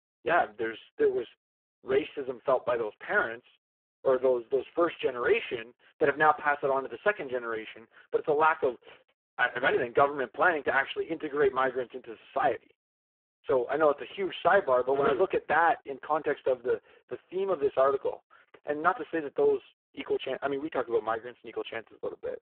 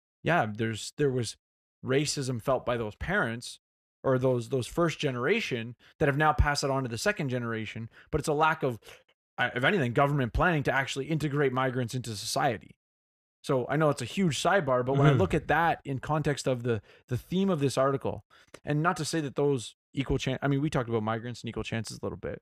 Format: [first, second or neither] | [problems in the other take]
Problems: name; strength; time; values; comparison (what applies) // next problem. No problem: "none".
second | phone-call audio; poor line